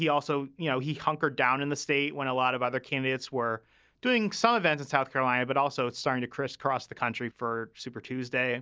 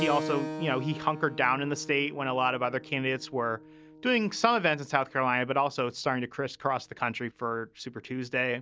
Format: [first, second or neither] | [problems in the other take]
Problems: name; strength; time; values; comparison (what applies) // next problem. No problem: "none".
first | background sound (Keyboard (musical)); 12 dB below the speech